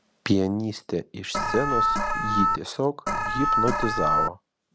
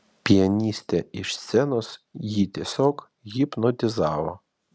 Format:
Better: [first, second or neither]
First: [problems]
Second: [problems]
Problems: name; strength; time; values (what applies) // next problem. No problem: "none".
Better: second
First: background sound (Alarm); 4 dB above the speech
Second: none